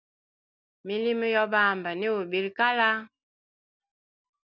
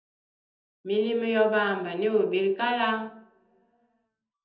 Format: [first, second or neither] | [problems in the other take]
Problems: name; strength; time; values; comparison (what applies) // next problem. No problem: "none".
first | room echo; dies away in 0.9 s